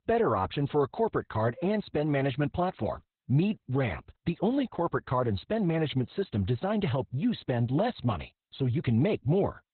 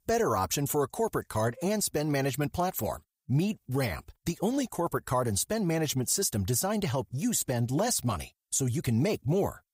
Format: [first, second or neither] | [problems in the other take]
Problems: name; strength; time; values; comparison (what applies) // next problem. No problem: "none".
second | garbled, watery; badly; nothing above 4 kHz